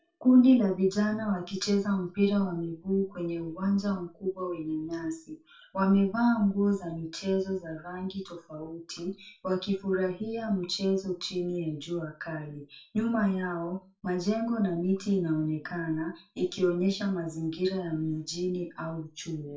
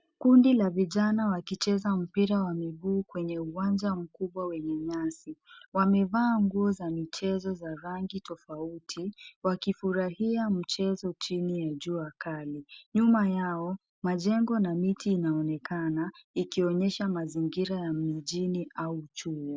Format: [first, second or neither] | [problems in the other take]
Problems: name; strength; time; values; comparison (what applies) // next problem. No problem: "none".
second | room echo; dies away in 0.3 s